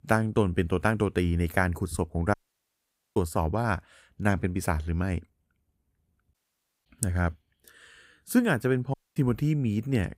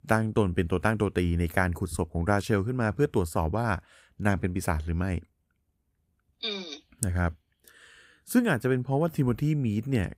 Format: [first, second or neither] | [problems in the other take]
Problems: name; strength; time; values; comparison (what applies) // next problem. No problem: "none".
second | audio cutting out; at 2.5 s for 1 s, at 6.5 s for 0.5 s and at 9 s